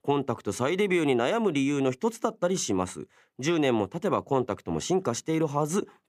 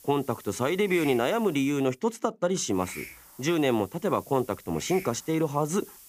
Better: first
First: none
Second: hiss; noticeable; until 2 s and from 2.5 s on; 15 dB below the speech

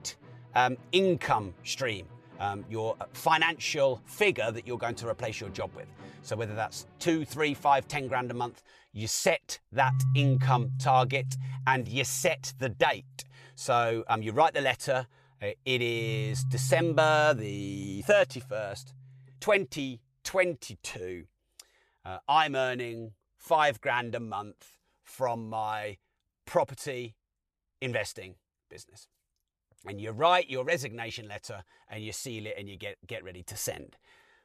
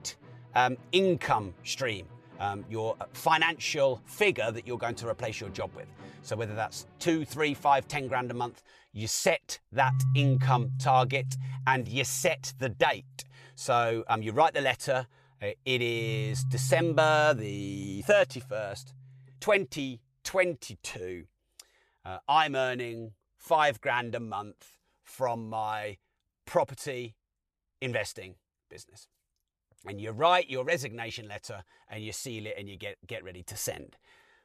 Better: neither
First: background music; loud; until 20 s; 4 dB below the speech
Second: background music; loud; until 20 s; 4 dB below the speech

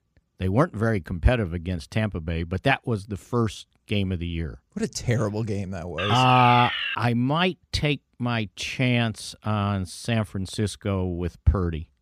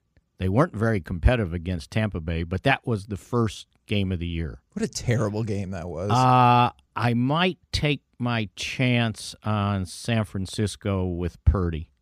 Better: second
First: alarm; noticeable; at 6 s; peak level with the speech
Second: none

